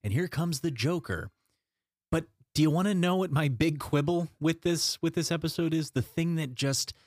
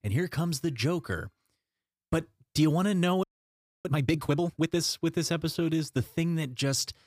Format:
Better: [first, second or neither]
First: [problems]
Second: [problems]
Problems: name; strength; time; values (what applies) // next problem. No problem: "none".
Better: first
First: none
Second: audio freezing; at 3 s for 0.5 s